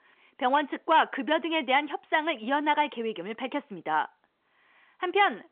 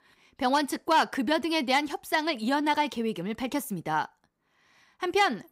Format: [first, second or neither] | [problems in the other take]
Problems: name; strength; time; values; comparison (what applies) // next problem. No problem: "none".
second | phone-call audio; nothing above 3.5 kHz